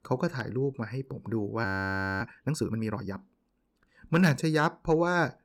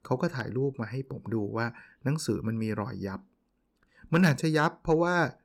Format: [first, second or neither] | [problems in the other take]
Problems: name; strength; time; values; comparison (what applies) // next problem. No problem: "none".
second | audio freezing; at 1.5 s for 0.5 s